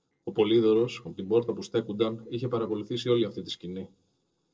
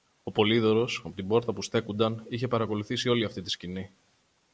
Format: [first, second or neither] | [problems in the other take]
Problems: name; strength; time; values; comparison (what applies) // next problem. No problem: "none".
second | noise reduction (neural separator model SepFormer DNS4)